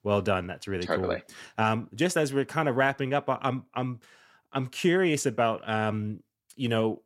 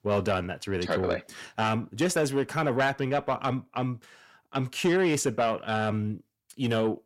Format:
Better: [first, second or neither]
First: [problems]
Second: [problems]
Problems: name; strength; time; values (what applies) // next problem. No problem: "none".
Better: first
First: none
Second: distortion; slight; 10 dB below the speech